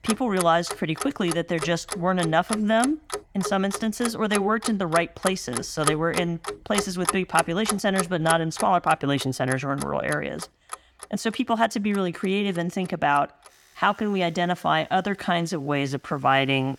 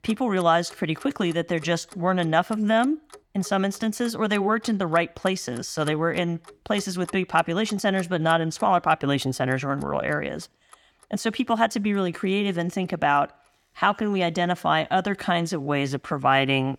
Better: second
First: household noises; loud; throughout; 8 dB below the speech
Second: household noises; faint; throughout; 25 dB below the speech

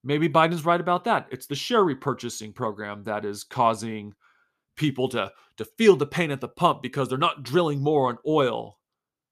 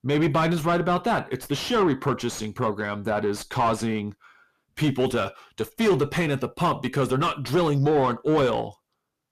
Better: first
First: none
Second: distortion; heavy; 6 dB below the speech

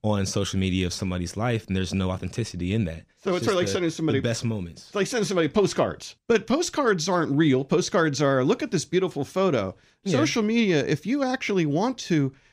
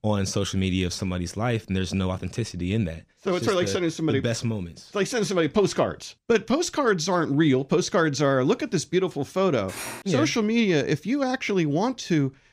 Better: first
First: none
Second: clattering dishes; noticeable; at 9.5 s; peak 9 dB below the speech

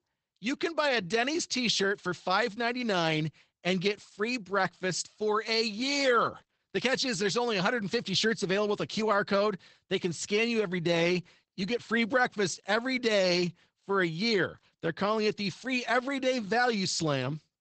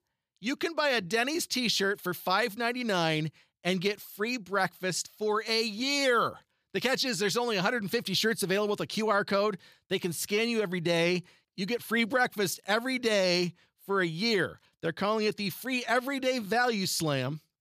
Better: second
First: garbled, watery; badly; nothing above 8 kHz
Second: none

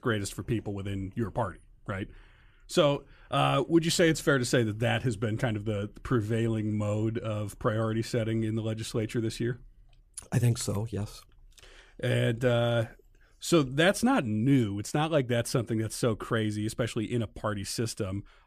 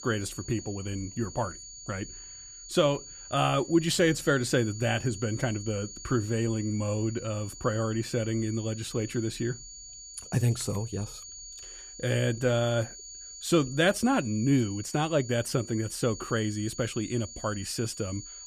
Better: first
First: none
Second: high-pitched whine; noticeable; throughout; 7 kHz, 15 dB below the speech

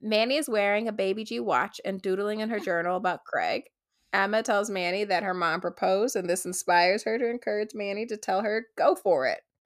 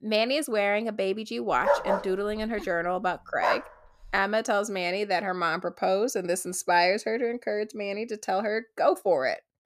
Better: first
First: none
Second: dog barking; loud; from 1.5 to 3.5 s; peak 2 dB above the speech

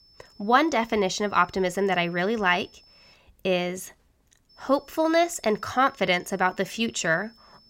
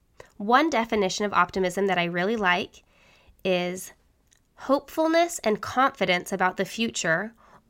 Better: second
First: high-pitched whine; faint; until 3 s and from 4.5 s on; 5.5 kHz, 30 dB below the speech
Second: none

